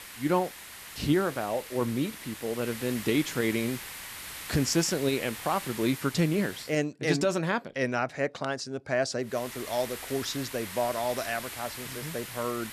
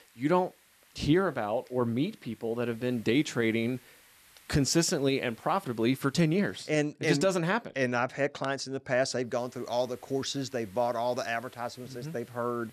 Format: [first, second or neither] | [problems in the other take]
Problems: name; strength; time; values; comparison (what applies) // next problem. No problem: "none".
second | hiss; loud; until 6.5 s and from 9.5 s on; 9 dB below the speech; faint in the second